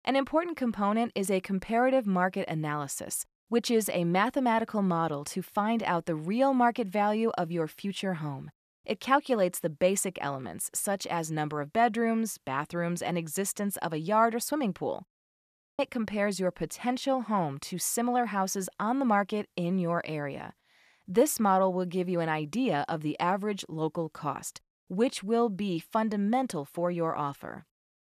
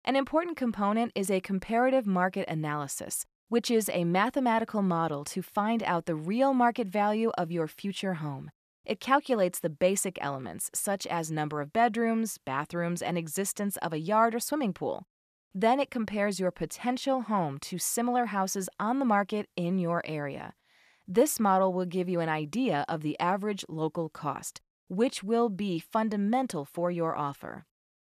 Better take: second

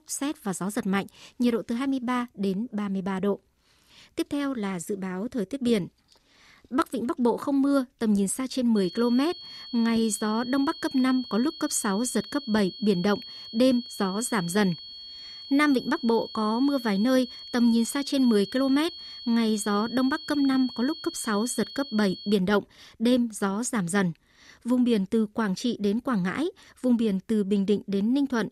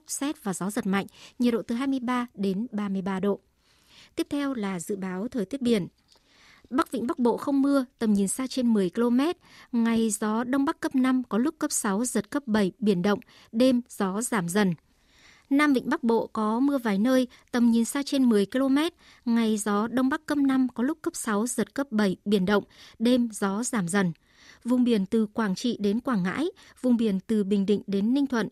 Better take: second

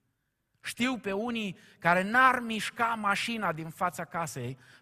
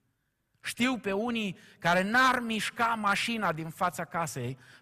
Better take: first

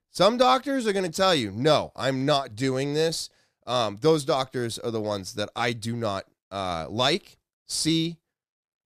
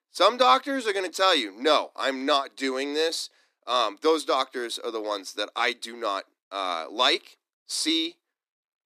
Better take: first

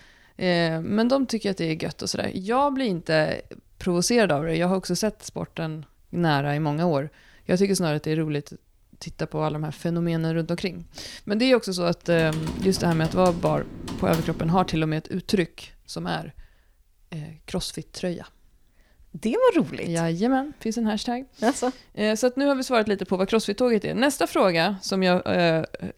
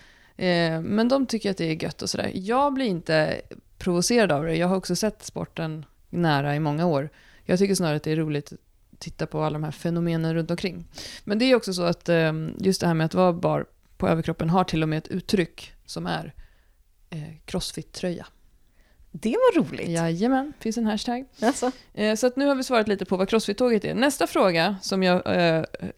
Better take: second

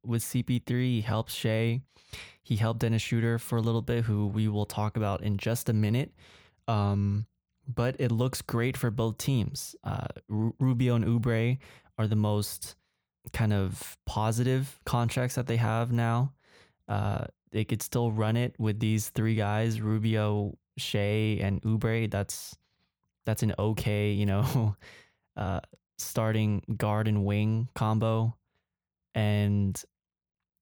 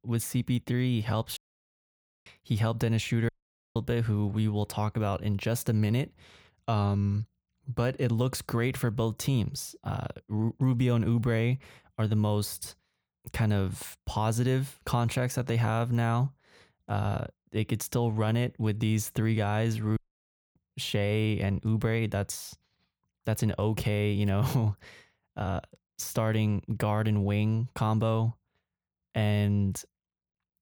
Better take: first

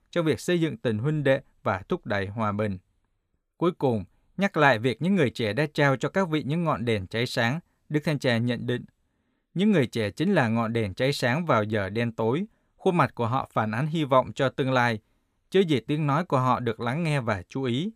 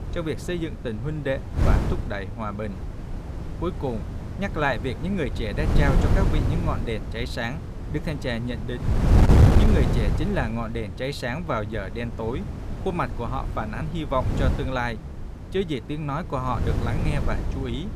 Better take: first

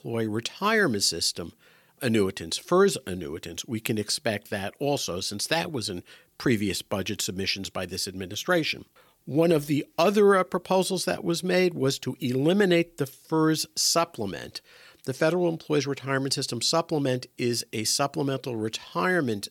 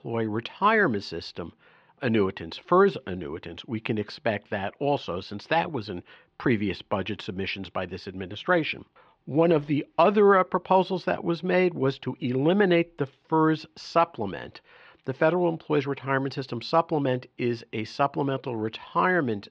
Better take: first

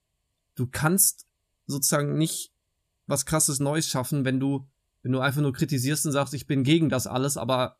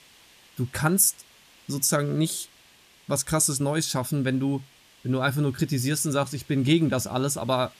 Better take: first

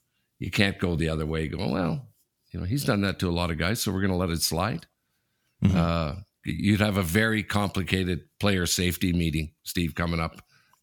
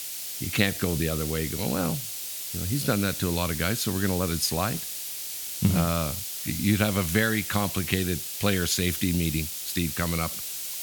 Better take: first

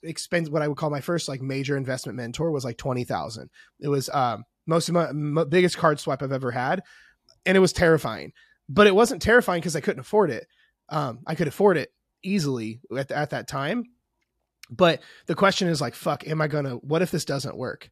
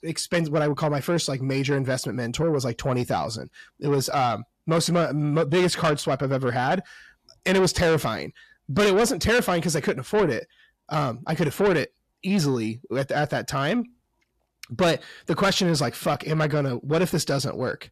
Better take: first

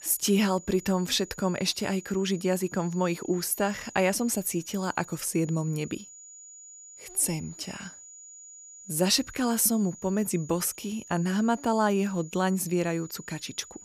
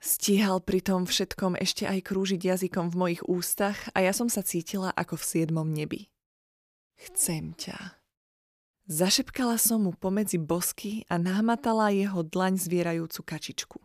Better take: second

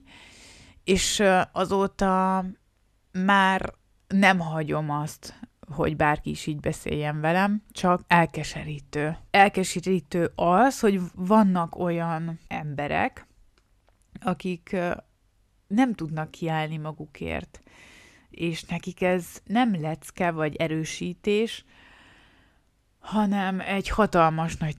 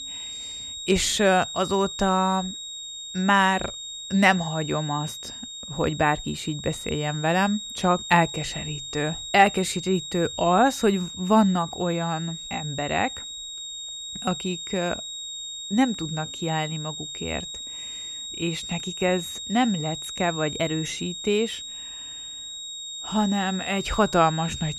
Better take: first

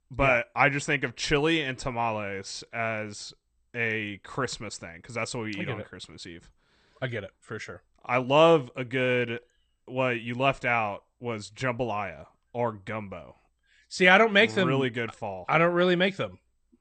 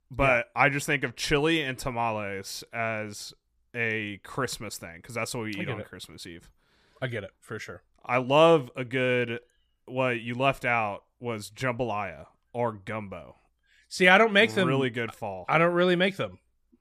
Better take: second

